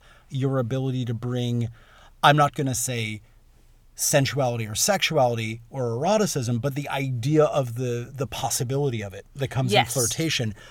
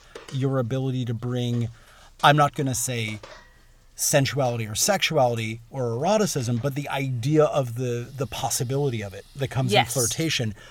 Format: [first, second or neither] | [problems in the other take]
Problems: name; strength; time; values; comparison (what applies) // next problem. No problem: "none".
first | household noises; faint; throughout; 25 dB below the speech